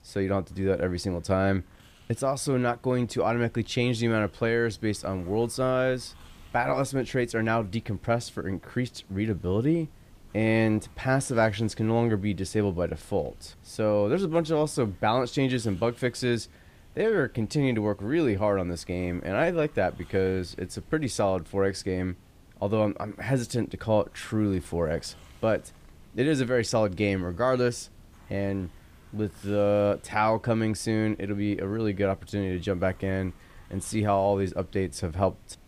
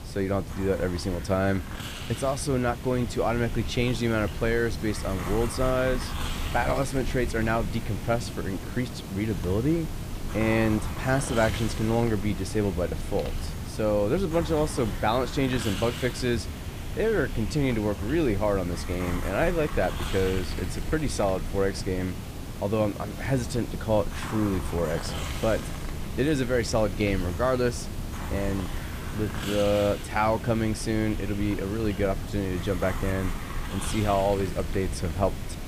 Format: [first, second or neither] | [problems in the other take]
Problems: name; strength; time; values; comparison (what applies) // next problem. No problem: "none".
first | hiss; loud; throughout; 7 dB below the speech; faint in the first